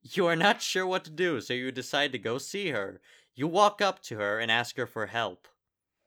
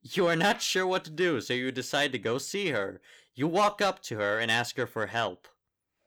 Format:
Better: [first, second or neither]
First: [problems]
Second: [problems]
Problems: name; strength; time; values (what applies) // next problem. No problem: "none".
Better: first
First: none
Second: distortion; slight; 10 dB below the speech